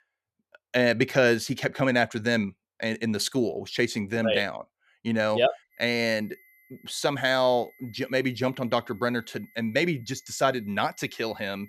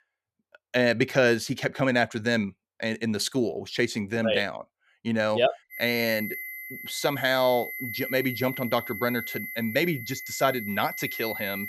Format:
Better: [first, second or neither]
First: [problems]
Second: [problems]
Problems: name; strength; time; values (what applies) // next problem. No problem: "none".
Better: first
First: high-pitched whine; faint; from 5.5 s on; 2 kHz, 30 dB below the speech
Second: high-pitched whine; loud; from 5.5 s on; 2 kHz, 8 dB below the speech